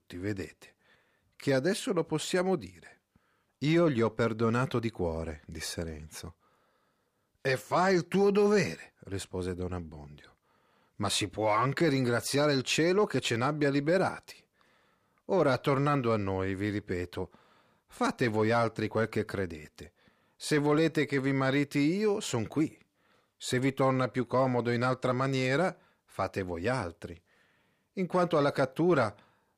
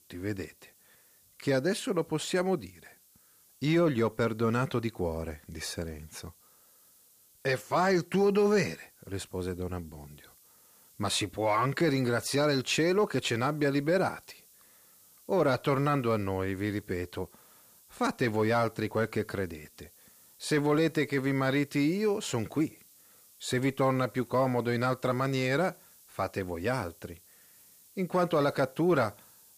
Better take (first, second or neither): first